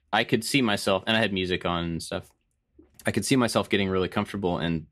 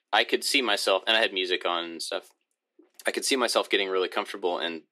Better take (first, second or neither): first